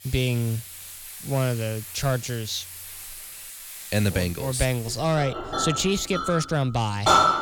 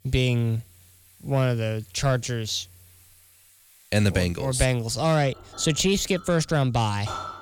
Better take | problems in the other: second | household noises; loud; throughout; 4 dB below the speech; faint in the second

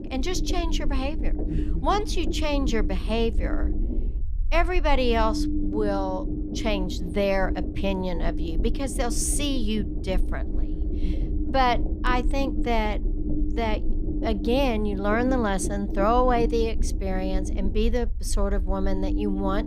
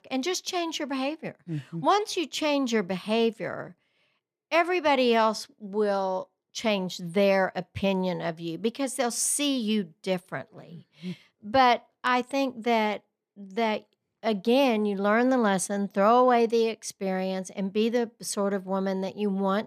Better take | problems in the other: second | low rumble; noticeable; throughout; 10 dB below the speech

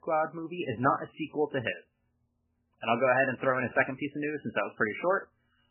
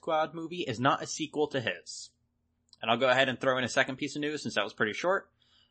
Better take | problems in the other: second | garbled, watery; badly; nothing above 3 kHz; slightly in the second

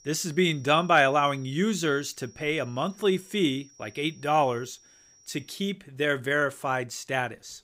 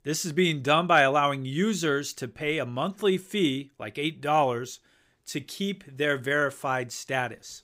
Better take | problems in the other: second | high-pitched whine; faint; until 5.5 s; 5.5 kHz, 25 dB below the speech

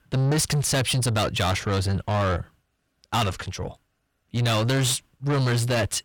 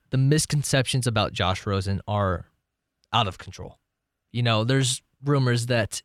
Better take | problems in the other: second | distortion; heavy; 7 dB below the speech

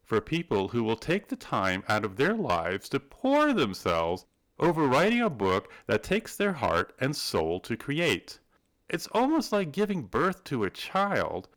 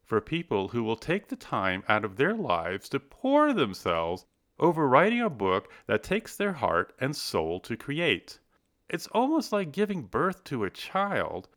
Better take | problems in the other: second | distortion; slight; 6% of the sound clipped

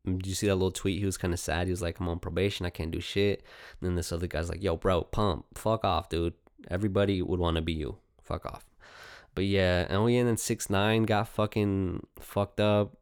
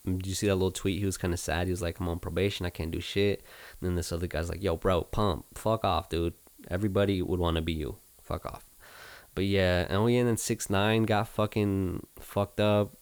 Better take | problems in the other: first | hiss; faint; throughout; 25 dB below the speech

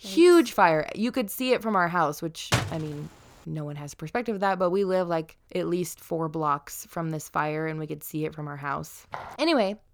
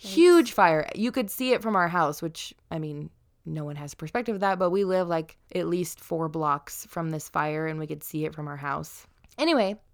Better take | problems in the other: second | door banging; noticeable; at 2.5 s; peak 1 dB below the speech // footsteps; faint; at 9 s; peak 15 dB below the speech

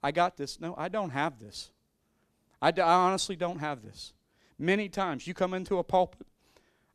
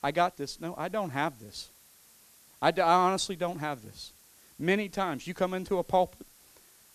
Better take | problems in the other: first | hiss; faint; throughout; 25 dB below the speech

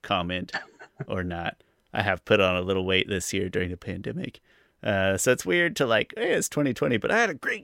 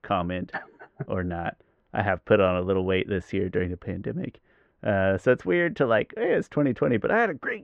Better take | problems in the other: first | muffled; very; fading above 1.5 kHz

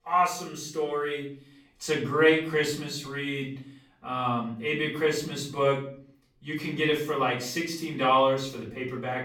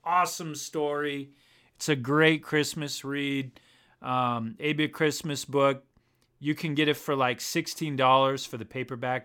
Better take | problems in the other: second | room echo; slight; dies away in 0.4 s // off-mic speech; far

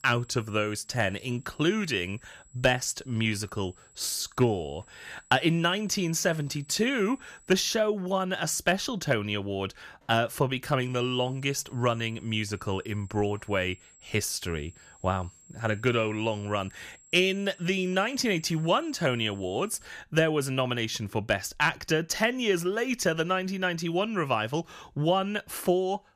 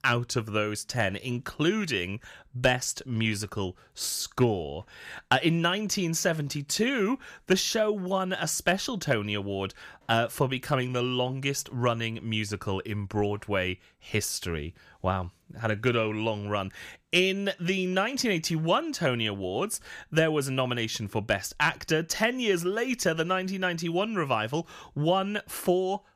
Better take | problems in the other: second | high-pitched whine; faint; until 7.5 s and from 11 to 20 s; 7.5 kHz, 25 dB below the speech

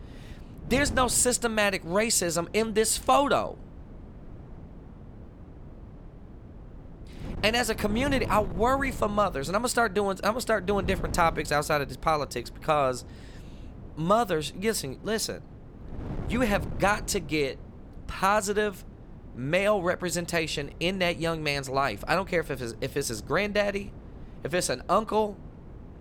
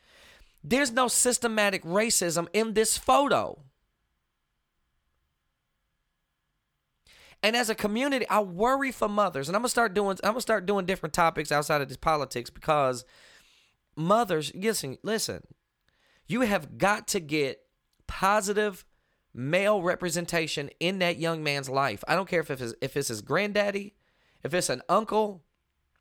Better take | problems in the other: second | wind noise on the microphone; occasional gusts; 25 dB below the speech

